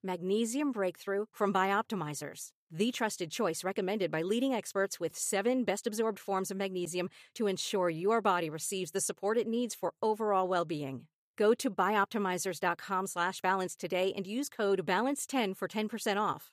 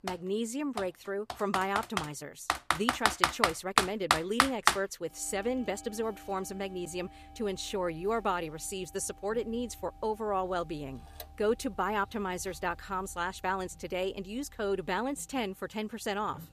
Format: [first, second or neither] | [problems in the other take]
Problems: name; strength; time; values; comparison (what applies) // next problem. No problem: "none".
first | household noises; very loud; throughout; 3 dB above the speech